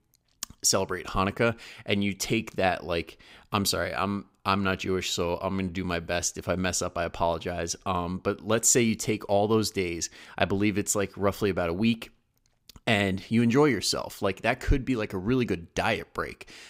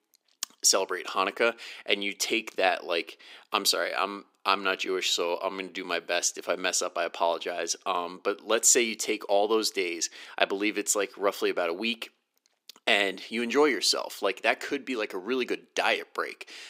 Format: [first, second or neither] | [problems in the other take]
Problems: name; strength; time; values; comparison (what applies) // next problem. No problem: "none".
first | thin; somewhat; fading below 300 Hz